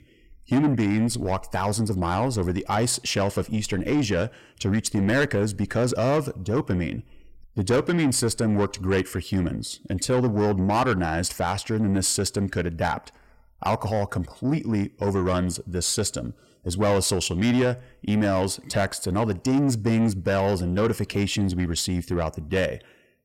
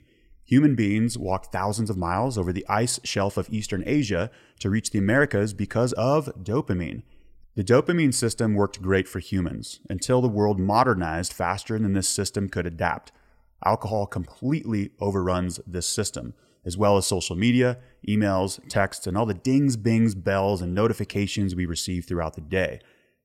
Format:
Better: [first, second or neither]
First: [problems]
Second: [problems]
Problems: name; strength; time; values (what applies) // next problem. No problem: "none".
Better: second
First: distortion; slight; 10 dB below the speech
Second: none